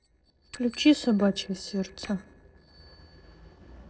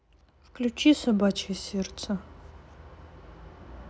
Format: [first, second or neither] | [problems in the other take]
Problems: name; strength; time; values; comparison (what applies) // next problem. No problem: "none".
second | noise reduction (neural separator model SepFormer DNS4)